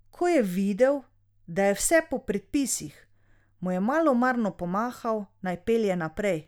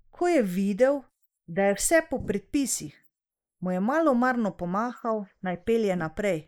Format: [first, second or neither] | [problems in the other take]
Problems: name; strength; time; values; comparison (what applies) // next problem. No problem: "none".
first | noise reduction (neural mask model Resemble Enhance denoiser)